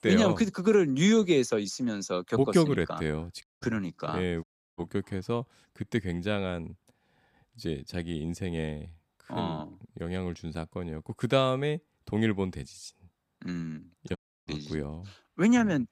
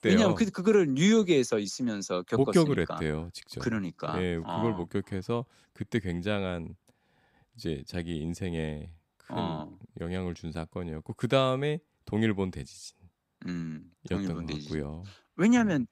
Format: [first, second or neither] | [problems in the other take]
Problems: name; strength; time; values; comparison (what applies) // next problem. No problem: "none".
second | audio cutting out; at 3.5 s, at 4.5 s and at 14 s